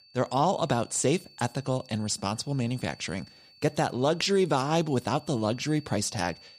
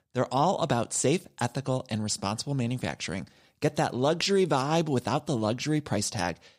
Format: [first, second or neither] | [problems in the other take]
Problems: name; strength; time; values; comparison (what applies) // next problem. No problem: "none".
second | high-pitched whine; faint; throughout; 4.5 kHz, 25 dB below the speech